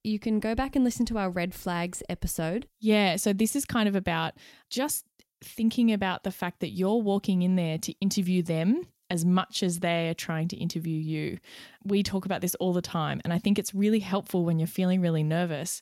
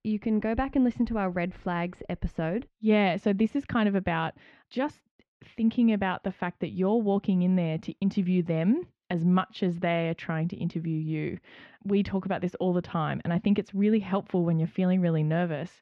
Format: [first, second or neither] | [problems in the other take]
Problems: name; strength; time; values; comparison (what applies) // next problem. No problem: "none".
first | muffled; very; fading above 2.5 kHz